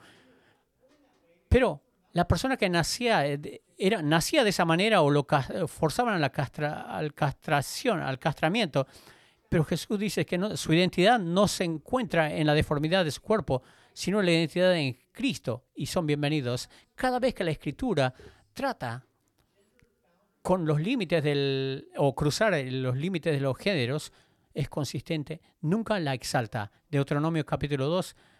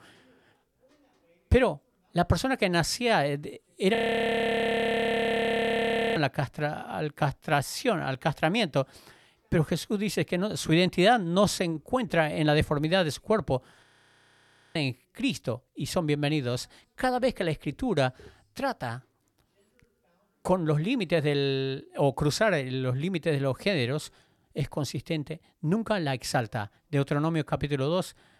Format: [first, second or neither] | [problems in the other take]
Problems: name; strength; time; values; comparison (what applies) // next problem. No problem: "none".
first | audio freezing; at 4 s for 2 s and at 14 s for 1 s